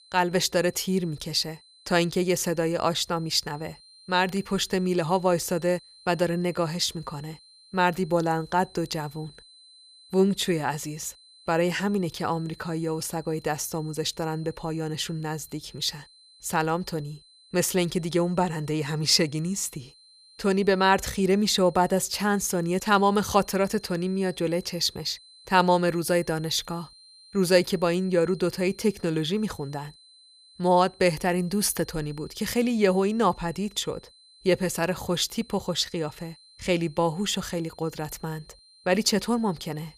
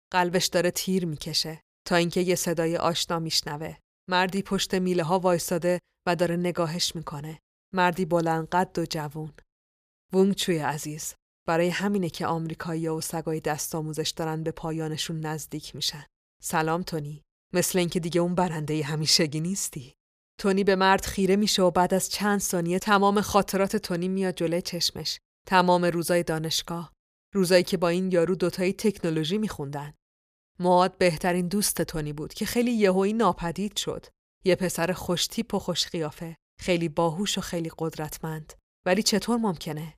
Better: second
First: high-pitched whine; faint; throughout; 4 kHz, 25 dB below the speech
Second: none

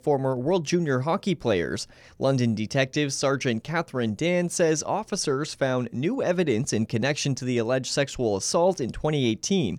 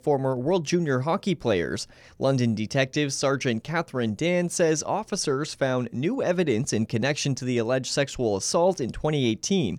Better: neither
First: none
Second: none

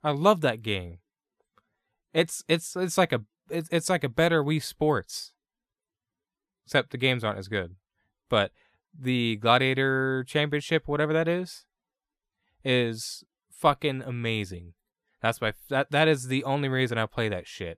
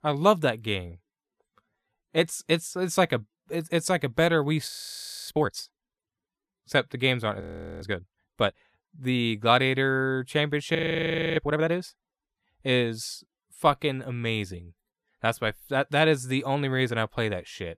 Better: first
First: none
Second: audio freezing; at 4.5 s for 0.5 s, at 7.5 s and at 11 s for 0.5 s

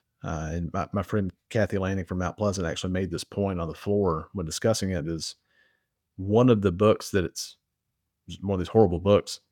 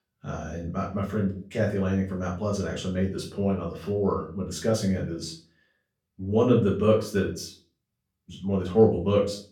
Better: first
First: none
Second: off-mic speech; far // room echo; slight; dies away in 0.3 s

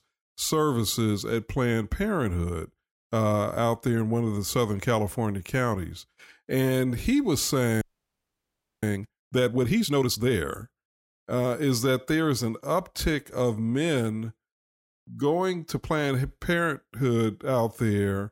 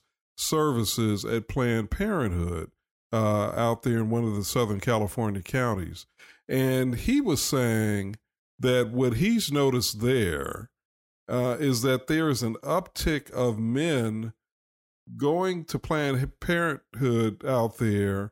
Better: second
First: audio freezing; at 8 s for 1 s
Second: none

